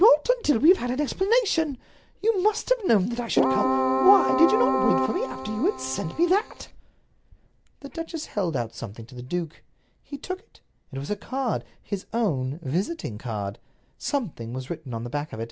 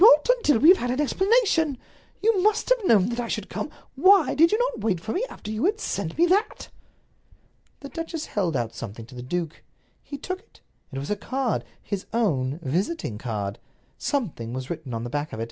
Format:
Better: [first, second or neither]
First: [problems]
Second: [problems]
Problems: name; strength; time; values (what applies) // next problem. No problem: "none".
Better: second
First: background sound (Keyboard (musical)); 1 dB above the speech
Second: none